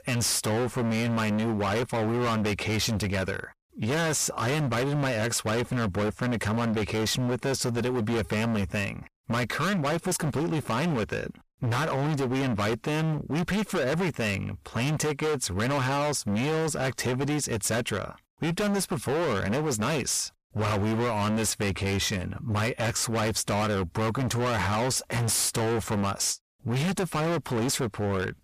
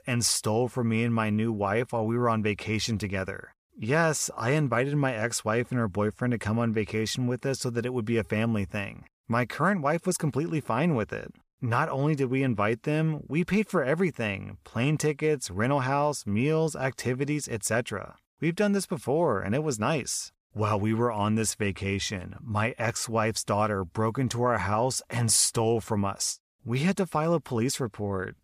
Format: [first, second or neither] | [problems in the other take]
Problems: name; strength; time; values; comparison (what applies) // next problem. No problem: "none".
second | distortion; heavy; 36% of the sound clipped